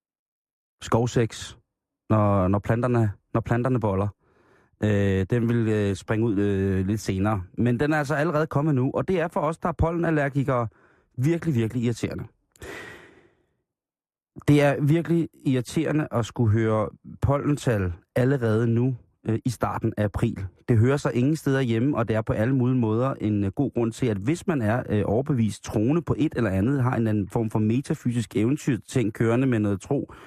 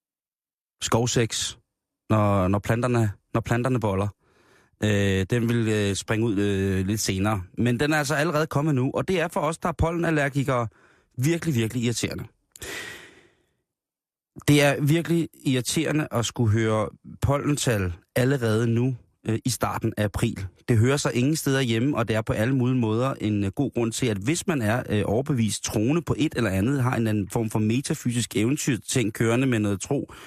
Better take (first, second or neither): second